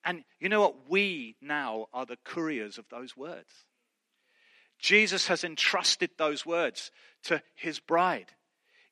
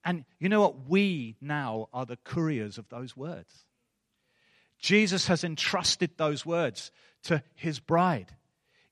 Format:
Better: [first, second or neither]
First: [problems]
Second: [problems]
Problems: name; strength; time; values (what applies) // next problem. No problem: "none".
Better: second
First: thin; somewhat; fading below 250 Hz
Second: none